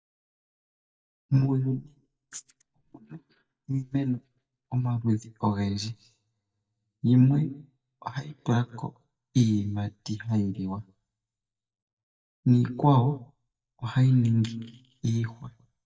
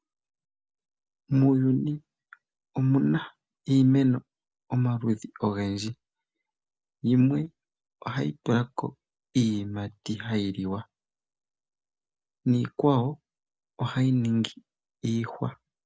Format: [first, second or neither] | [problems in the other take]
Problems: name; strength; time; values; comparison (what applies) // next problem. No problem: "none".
second | noise reduction (neural mask model DeepFilterNet 3)